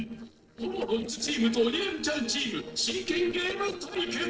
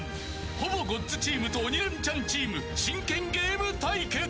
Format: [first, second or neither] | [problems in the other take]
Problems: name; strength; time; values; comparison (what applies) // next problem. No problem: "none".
second | noise reduction (neural separator model SepFormer DNS4)